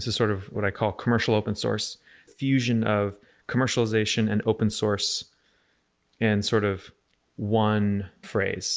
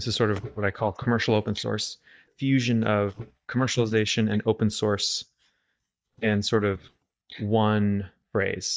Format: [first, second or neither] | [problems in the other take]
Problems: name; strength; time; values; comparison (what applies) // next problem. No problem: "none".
first | noise reduction (neural mask model DeepFilterNet 3)